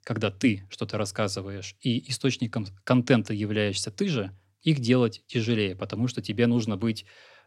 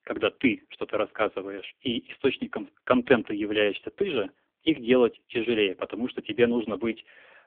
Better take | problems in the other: first | phone-call audio; poor line; nothing above 3.5 kHz

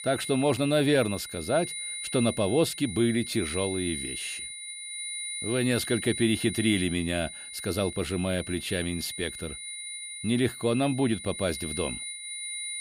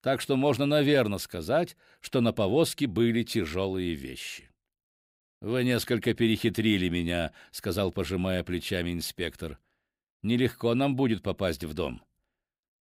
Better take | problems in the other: second | high-pitched whine; loud; throughout; 2 kHz, 7 dB below the speech

